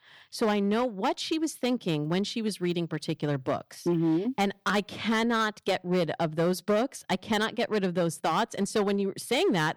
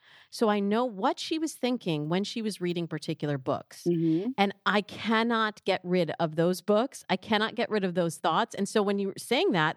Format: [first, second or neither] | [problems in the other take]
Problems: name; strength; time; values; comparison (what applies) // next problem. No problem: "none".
second | distortion; slight; 8% of the sound clipped